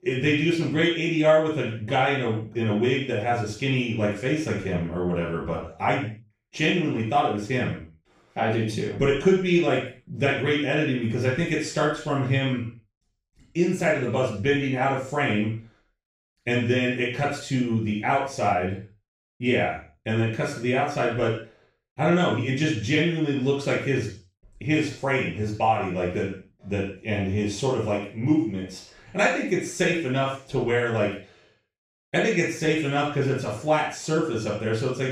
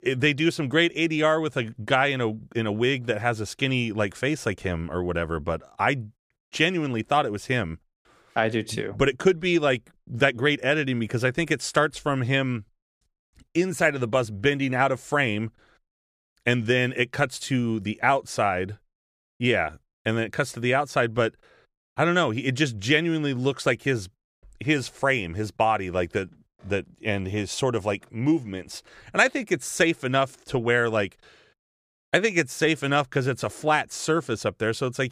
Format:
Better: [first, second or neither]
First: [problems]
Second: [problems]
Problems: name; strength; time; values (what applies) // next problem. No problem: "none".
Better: second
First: room echo; noticeable; dies away in 0.4 s // off-mic speech; far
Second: none